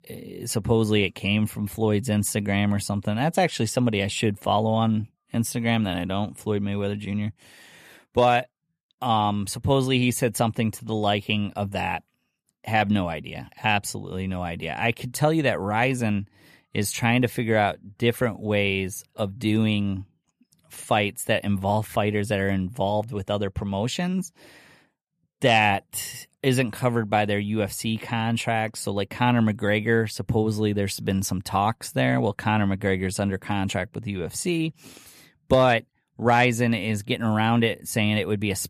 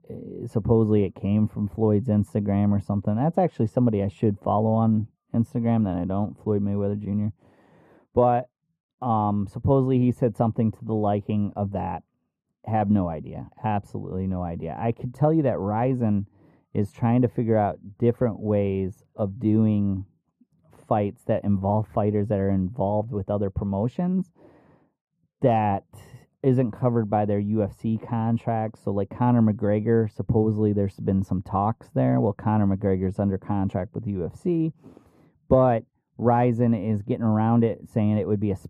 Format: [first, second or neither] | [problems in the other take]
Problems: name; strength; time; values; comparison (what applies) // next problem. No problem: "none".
first | muffled; very; fading above 1.5 kHz